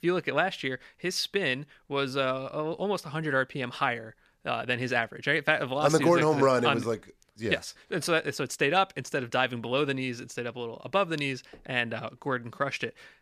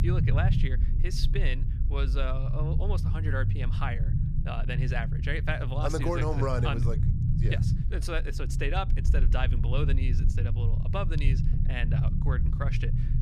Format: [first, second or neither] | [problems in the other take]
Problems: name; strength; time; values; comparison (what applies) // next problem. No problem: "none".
first | low rumble; loud; throughout; 7 dB below the speech